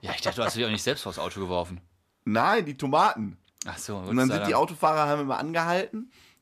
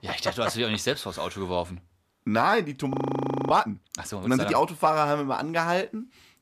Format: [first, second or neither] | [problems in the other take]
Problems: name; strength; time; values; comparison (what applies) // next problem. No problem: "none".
first | audio freezing; at 3 s for 0.5 s